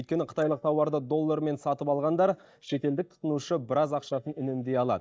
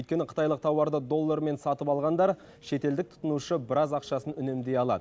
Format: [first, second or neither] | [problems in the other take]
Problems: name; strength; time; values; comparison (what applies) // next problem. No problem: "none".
second | noise reduction (neural mask model DeepFilterNet 3)